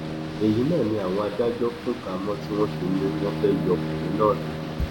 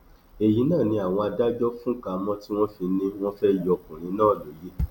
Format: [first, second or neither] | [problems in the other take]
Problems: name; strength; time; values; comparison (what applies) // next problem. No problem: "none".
second | background sound (Bowed string instrument + Boat, Water vehicle); 5 dB below the speech